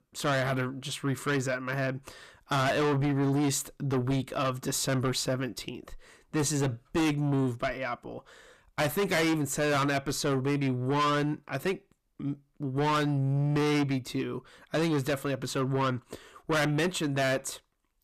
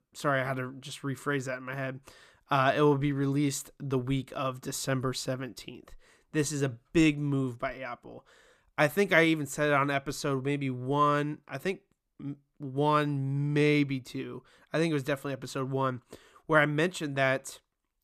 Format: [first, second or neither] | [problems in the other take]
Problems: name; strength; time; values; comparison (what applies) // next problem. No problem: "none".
second | distortion; heavy; 6 dB below the speech